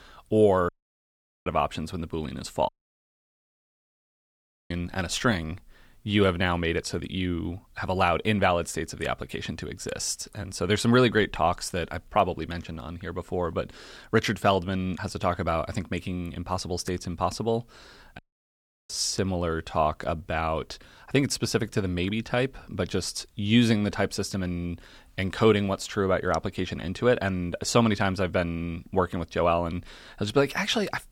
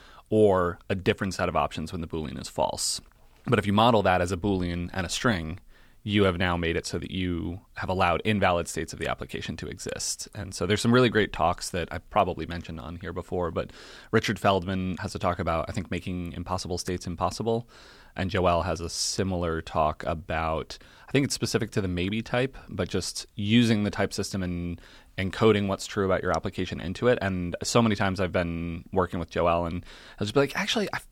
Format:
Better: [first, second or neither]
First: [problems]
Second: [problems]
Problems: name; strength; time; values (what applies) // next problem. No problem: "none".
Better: second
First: audio cutting out; at 0.5 s for 1 s, at 2.5 s for 2 s and at 18 s for 0.5 s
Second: none